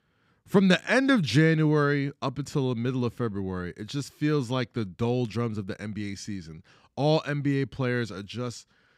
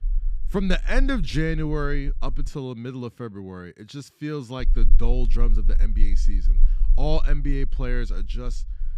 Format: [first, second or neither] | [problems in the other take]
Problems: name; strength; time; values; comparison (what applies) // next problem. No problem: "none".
first | low rumble; faint; until 2.5 s and from 4.5 s on; 20 dB below the speech